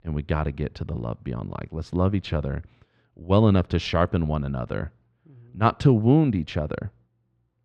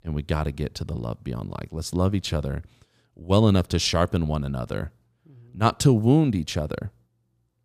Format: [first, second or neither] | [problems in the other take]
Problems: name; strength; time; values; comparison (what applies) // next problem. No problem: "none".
second | muffled; slightly; fading above 2.5 kHz